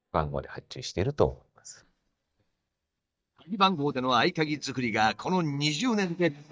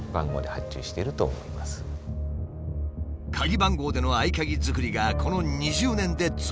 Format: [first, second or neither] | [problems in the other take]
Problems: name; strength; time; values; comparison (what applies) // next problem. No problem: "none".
second | noise reduction (neural mask model DeepFilterNet 3)